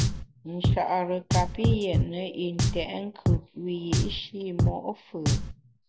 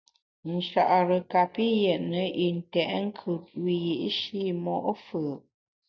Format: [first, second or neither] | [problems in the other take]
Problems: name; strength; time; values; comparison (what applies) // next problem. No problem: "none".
second | background sound (Drum); 4 dB above the speech